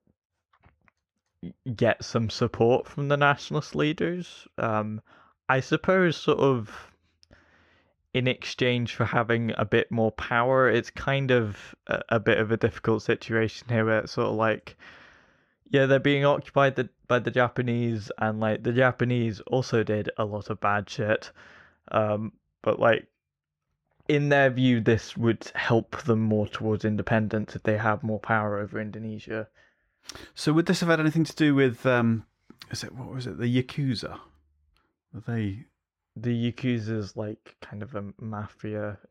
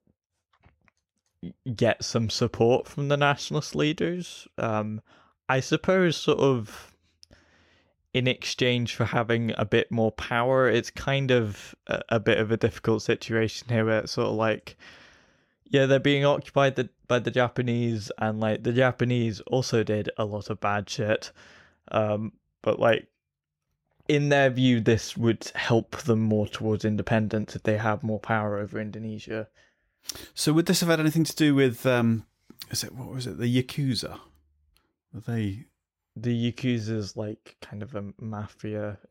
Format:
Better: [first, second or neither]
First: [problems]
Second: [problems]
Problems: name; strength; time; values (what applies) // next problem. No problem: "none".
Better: second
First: muffled; very slightly; fading above 3 kHz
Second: none